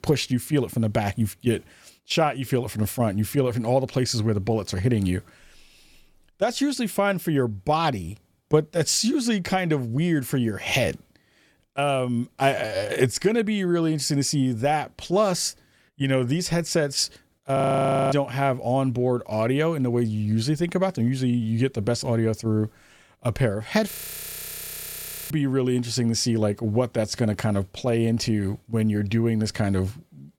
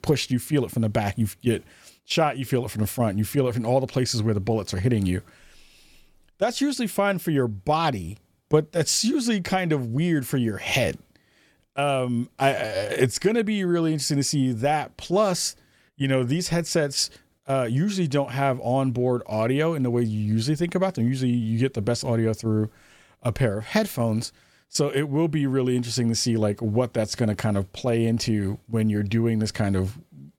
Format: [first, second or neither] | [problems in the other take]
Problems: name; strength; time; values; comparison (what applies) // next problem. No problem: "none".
second | audio freezing; at 18 s for 0.5 s and at 24 s for 1.5 s